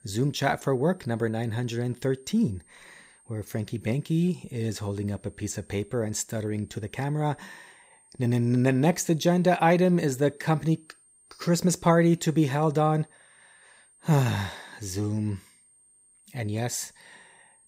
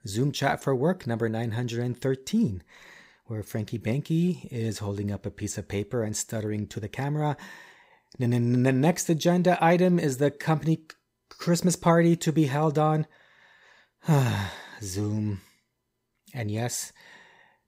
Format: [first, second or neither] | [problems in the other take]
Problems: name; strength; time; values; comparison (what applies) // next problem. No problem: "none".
second | high-pitched whine; faint; throughout; 8.5 kHz, 30 dB below the speech